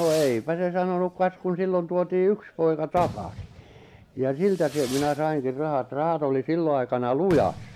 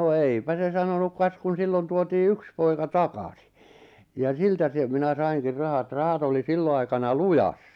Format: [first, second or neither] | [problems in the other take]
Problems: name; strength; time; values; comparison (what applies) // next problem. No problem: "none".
second | background sound (Fireworks); 17 dB below the speech